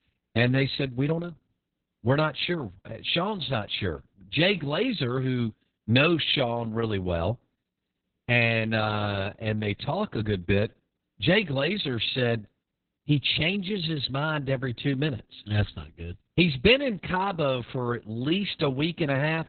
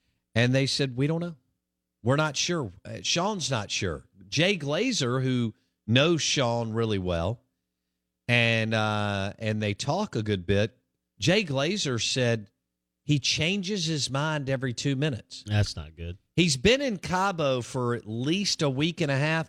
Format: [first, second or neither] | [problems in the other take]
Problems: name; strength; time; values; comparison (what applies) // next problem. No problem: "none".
second | garbled, watery; badly; nothing above 4 kHz